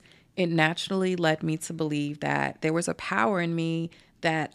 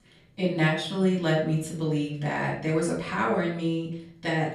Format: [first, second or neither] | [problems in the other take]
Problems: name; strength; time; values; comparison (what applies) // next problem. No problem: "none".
first | off-mic speech; far // room echo; noticeable; dies away in 0.6 s